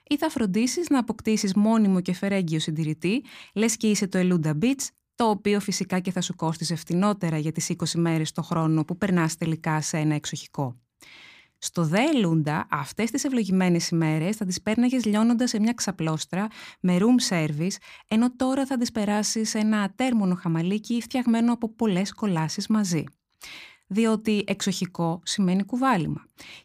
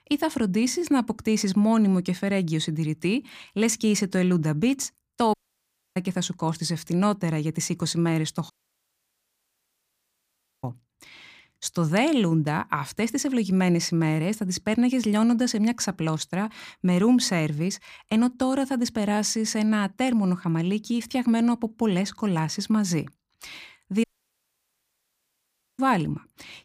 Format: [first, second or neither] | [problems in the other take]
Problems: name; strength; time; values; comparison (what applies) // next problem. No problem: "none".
first | audio cutting out; at 5.5 s for 0.5 s, at 8.5 s for 2 s and at 24 s for 1.5 s